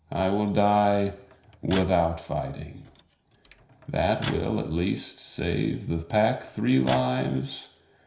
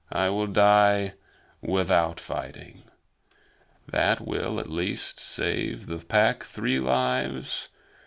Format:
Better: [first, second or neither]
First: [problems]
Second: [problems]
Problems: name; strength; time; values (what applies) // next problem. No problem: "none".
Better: second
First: background sound (Microwave oven); 17 dB below the speech // room echo; dies away in 0.5 s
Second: none